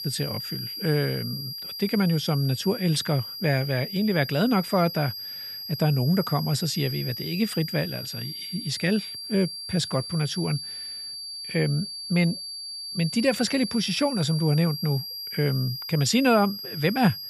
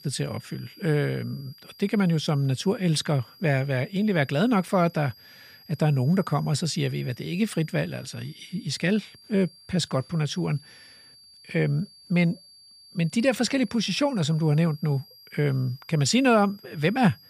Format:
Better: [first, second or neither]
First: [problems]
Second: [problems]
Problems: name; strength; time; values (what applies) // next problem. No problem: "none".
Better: second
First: high-pitched whine; loud; throughout; 5 kHz, 7 dB below the speech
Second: high-pitched whine; faint; throughout; 5 kHz, 25 dB below the speech